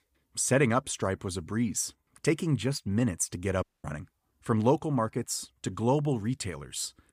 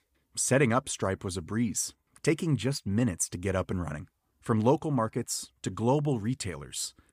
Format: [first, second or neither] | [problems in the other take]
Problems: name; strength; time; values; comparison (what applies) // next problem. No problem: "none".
second | audio cutting out; at 3.5 s